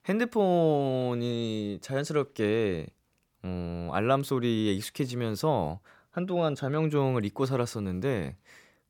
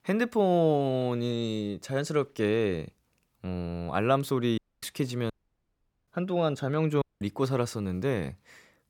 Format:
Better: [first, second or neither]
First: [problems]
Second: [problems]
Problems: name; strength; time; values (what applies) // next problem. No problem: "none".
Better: first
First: none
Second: audio cutting out; at 4.5 s, at 5.5 s for 1 s and at 7 s